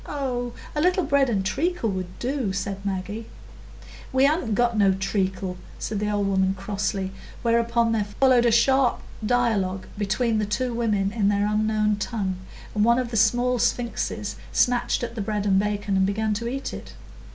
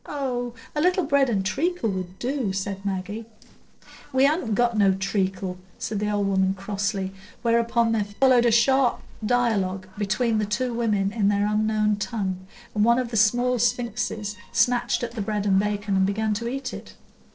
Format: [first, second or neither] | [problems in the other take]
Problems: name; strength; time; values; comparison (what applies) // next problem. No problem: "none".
first | noise reduction (neural separator model SepFormer DNS4)